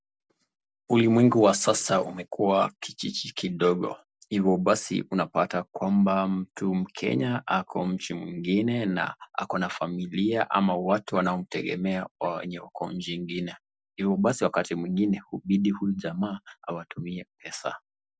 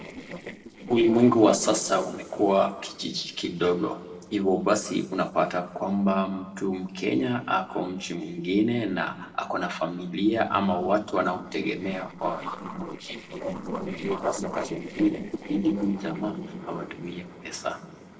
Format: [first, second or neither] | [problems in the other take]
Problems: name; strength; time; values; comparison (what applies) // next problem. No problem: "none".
first | noise reduction (neural separator model SepFormer DNS4)